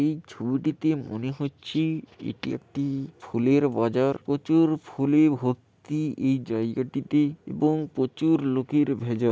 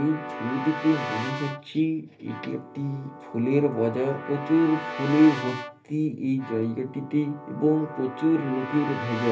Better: first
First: none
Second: background sound (Keyboard (musical) / Brass instrument); 10 dB below the speech // room echo; dies away in 0.3 s

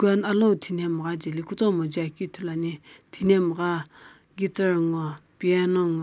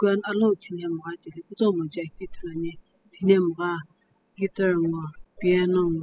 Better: first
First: none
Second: noise reduction (classical method spectral subtraction)

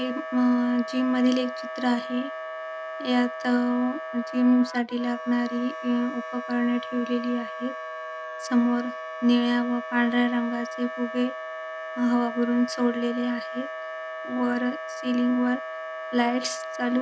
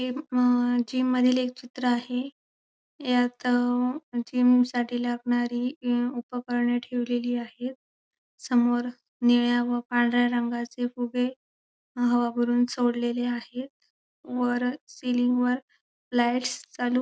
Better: second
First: background sound (Wind instrument, woodwind instrument); 9 dB below the speech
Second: none

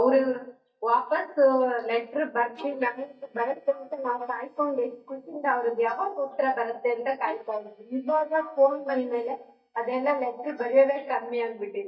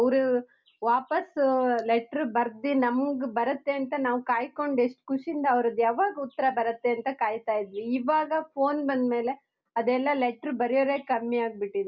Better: second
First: noise reduction (neural mask model DeepFilterNet 3)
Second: none

